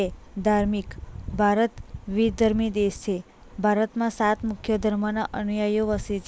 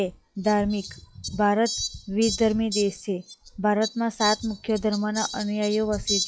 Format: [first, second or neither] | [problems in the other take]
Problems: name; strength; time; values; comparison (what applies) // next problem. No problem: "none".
first | noise reduction (classical method log-MMSE)